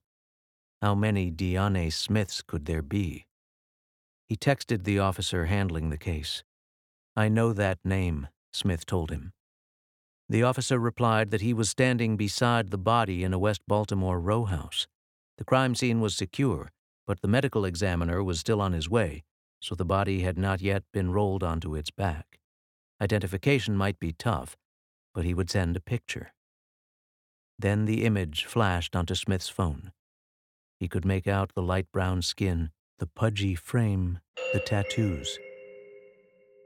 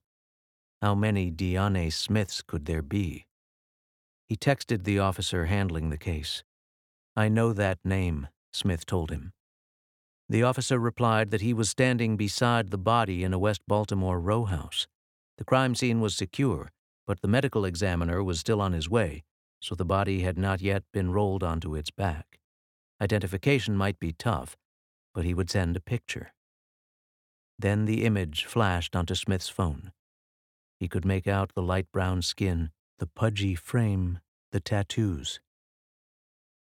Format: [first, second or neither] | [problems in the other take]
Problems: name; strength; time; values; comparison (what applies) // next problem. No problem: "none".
second | doorbell; noticeable; from 34 to 36 s; peak 4 dB below the speech